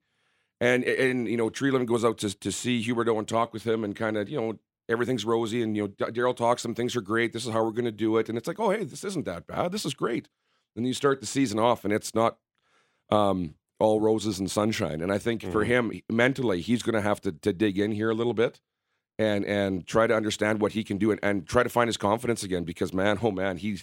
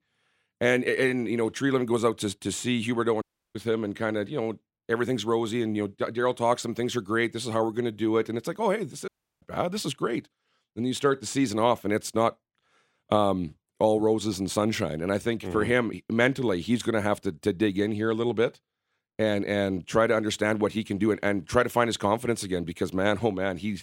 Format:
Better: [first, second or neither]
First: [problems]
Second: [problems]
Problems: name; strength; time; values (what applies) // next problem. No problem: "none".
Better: first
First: none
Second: audio cutting out; at 3 s and at 9 s